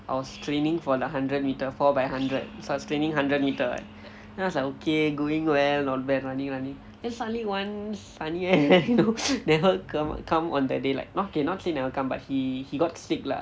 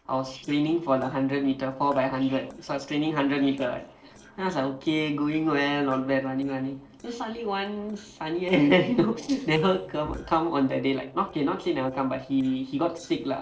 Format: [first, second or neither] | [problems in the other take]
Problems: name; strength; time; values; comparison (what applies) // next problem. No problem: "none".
first | noise reduction (neural separator model SepFormer DNS4)